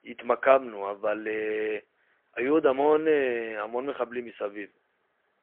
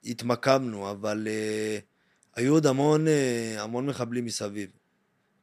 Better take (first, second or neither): second